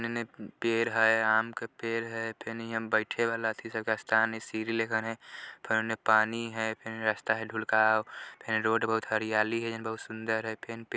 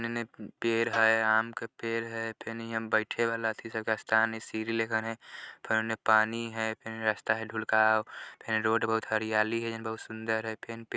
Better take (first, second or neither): first